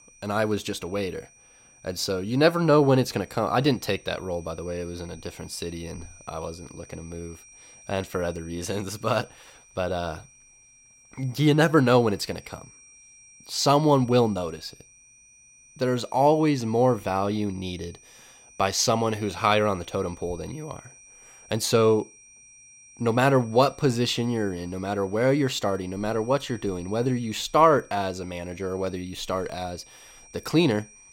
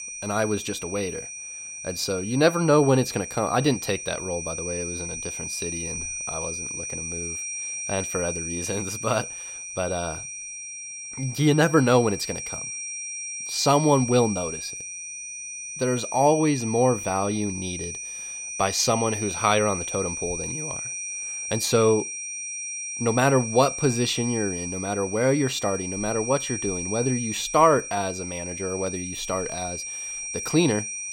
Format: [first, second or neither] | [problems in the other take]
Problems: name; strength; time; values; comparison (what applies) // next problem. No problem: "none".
first | high-pitched whine; loud; throughout; 5.5 kHz, 6 dB below the speech; faint in the first